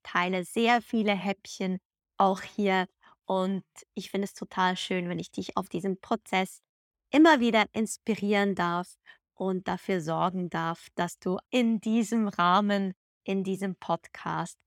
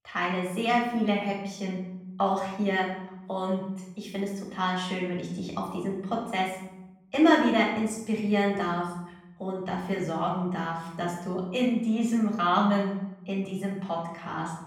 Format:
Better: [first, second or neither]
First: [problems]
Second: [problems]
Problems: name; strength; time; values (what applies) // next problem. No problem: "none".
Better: first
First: none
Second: off-mic speech; far // room echo; noticeable; dies away in 1 s